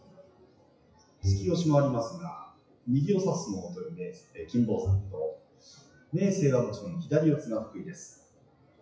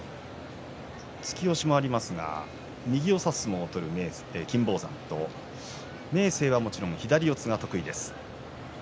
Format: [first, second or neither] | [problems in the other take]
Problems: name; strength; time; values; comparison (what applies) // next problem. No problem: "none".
second | noise reduction (classical method WPE with log-MMSE)